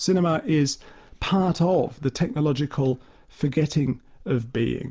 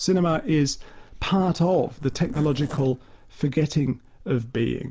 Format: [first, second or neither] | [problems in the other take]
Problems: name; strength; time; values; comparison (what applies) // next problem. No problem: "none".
first | background sound (Zipper (clothing)); 17 dB below the speech